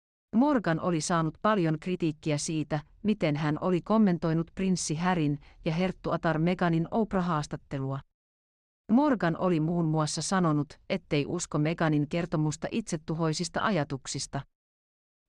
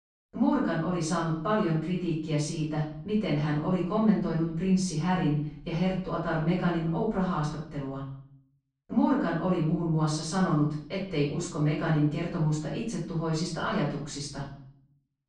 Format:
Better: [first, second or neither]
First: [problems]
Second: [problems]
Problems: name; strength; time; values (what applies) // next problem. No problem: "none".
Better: first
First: none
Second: off-mic speech; far // room echo; noticeable; dies away in 0.6 s